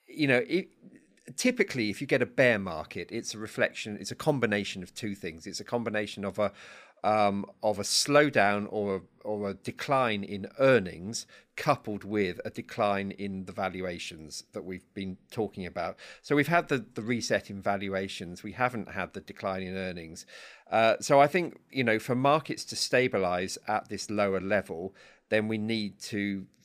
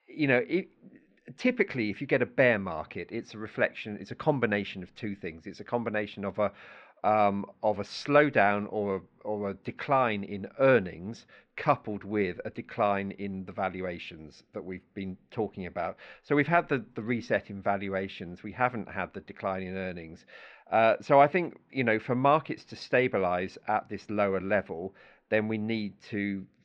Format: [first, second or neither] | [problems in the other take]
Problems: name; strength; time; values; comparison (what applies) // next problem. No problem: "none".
first | muffled; slightly; fading above 3 kHz